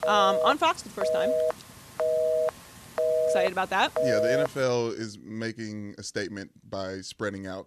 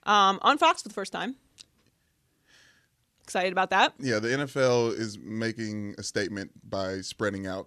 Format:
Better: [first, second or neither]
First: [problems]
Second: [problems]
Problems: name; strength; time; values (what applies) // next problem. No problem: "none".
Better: second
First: phone ringing; loud; until 4.5 s; peak 5 dB above the speech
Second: none